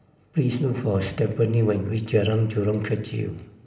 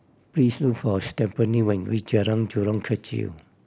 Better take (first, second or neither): second